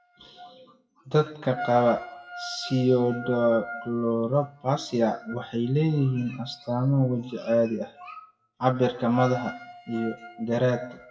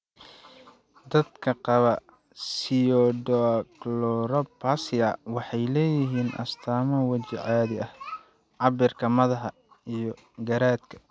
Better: second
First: noise reduction (classical method WPE with log-MMSE)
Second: none

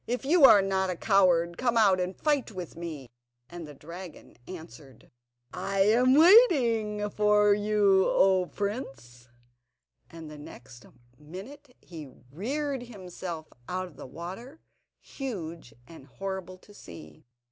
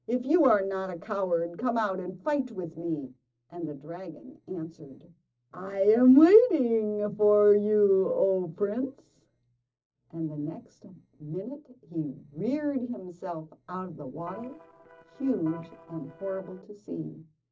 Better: first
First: none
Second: noise reduction (neural separator model SepFormer DNS4)

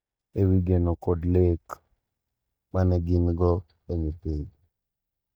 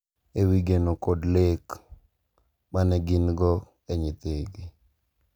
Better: second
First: noise reduction (neural mask model DeepFilterNet 3)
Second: none

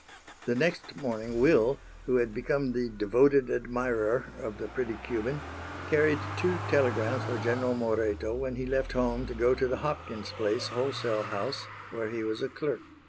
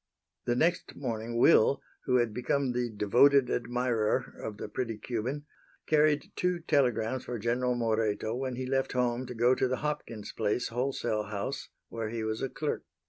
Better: second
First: background sound (Motor vehicle (road)); 11 dB below the speech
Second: none

